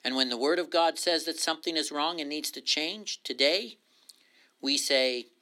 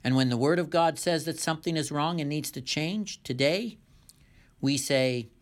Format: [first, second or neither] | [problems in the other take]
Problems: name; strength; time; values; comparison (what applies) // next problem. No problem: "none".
second | thin; somewhat; fading below 300 Hz